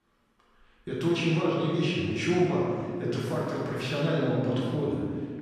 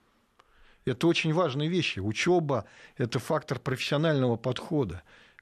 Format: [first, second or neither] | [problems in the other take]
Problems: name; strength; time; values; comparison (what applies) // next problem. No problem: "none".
second | room echo; strong; dies away in 2 s // off-mic speech; far